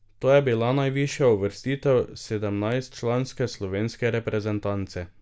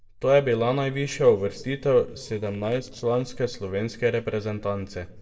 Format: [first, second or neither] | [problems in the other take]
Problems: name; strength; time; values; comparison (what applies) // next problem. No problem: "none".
first | noise reduction (neural separator model SepFormer DNS4)